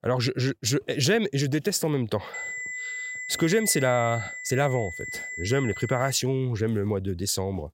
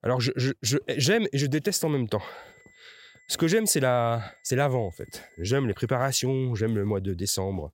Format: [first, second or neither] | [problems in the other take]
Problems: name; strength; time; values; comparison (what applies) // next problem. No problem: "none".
second | high-pitched whine; loud; from 2.5 to 6 s; 2 kHz, 8 dB below the speech; faint in the second